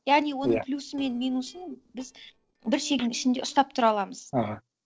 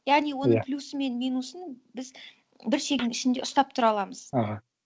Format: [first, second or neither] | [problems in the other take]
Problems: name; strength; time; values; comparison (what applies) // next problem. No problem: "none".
second | noise reduction (neural separator model SepFormer DNS4)